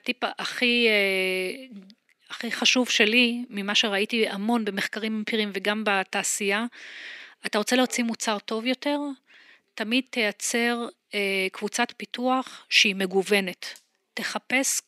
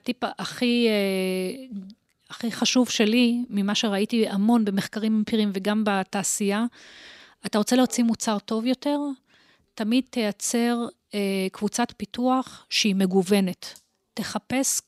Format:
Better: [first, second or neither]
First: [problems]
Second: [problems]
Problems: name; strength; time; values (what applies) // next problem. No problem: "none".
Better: second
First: thin; very slightly; fading below 300 Hz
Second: none